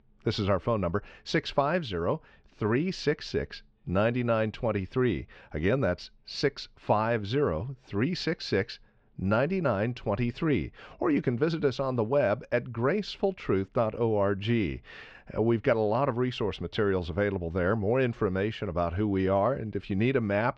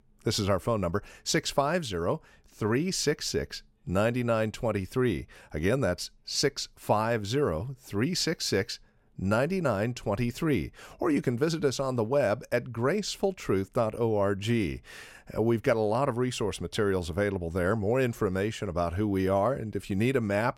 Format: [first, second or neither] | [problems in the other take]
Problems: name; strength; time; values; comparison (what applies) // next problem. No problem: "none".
second | muffled; very slightly; fading above 4 kHz